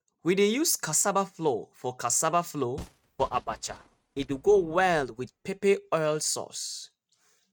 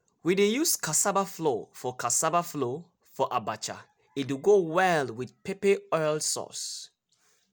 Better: second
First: noise reduction (neural mask model RNNoise)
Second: none

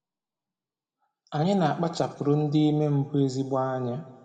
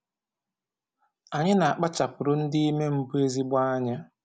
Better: second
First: room echo; dies away in 1.2 s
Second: none

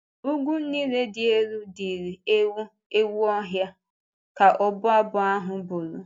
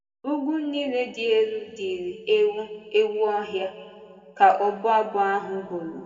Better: first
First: none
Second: room echo; dies away in 1.8 s

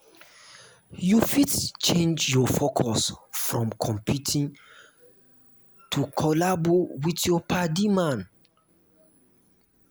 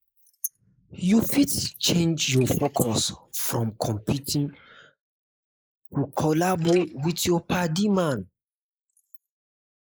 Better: first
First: none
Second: noise reduction (neural mask model Resemble Enhance denoiser)

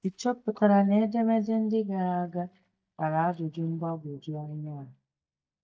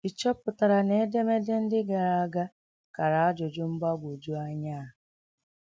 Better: second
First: noise reduction (neural mask model DeepFilterNet 3)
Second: none

